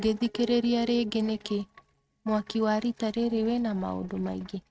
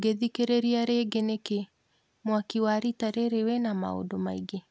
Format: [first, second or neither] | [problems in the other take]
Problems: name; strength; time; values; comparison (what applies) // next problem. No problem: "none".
second | noise reduction (neural mask model RNNoise)